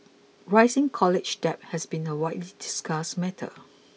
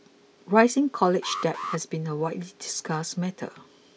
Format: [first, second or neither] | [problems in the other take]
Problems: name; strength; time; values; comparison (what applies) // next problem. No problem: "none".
first | background sound (Alarm); 11 dB below the speech